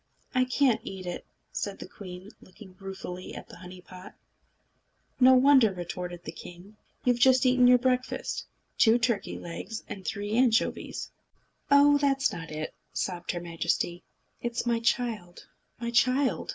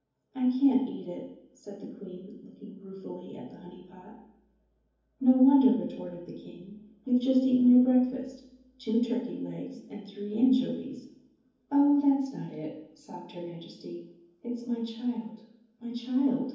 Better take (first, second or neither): first